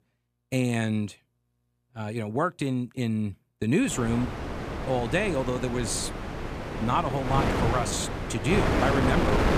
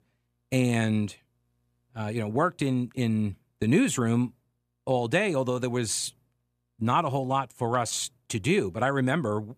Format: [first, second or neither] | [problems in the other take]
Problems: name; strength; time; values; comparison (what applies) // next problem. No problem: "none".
second | wind noise on the microphone; heavy; from 4 s on; 2 dB below the speech